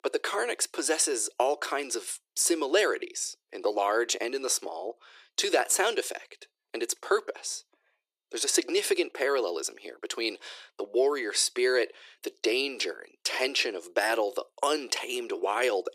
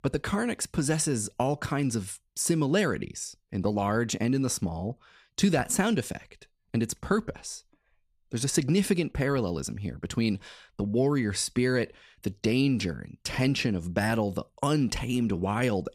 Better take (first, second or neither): second